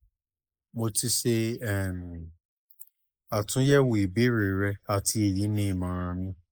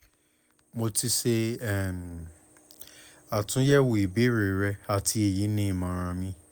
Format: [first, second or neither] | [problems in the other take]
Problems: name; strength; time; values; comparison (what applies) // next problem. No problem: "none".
second | noise reduction (neural mask model Resemble Enhance denoiser)